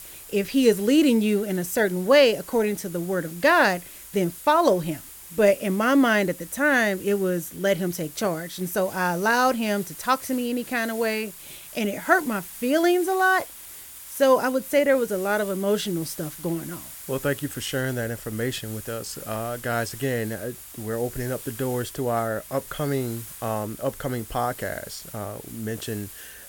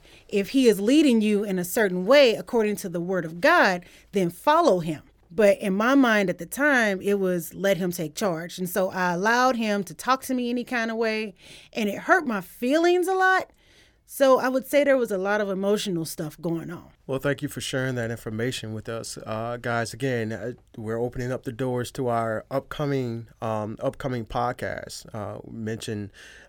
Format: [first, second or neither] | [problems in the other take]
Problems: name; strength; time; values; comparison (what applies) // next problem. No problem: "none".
second | hiss; noticeable; throughout; 15 dB below the speech